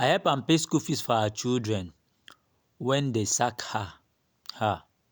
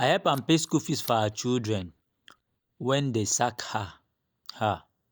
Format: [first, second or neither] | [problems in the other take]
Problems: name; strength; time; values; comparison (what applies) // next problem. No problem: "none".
first | noise reduction (neural mask model DeepFilterNet 3)